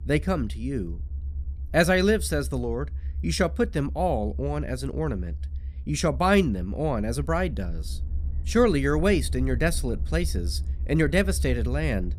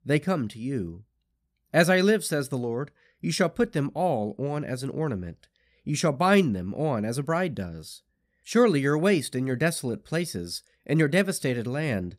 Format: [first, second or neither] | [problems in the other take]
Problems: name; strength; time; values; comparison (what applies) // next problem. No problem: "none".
second | low rumble; faint; throughout; 25 dB below the speech